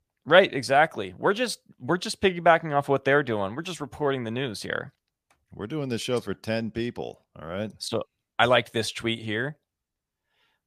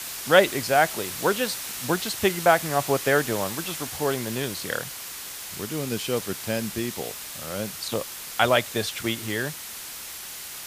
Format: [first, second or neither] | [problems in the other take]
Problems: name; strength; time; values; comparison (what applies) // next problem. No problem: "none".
first | hiss; loud; throughout; 7 dB below the speech